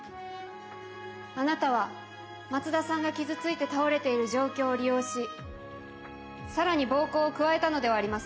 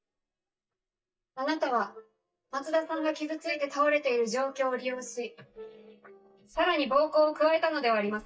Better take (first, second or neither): first